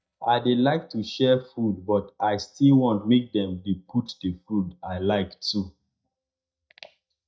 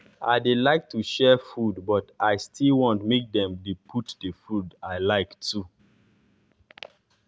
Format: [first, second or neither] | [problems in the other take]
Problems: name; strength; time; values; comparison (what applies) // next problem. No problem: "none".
second | noise reduction (neural mask model DeepFilterNet 3)